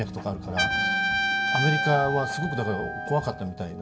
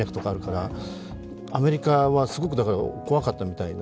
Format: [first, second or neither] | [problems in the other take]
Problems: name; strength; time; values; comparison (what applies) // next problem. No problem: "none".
second | background sound (Trumpet); as loud as the speech // room echo; dies away in 0.3 s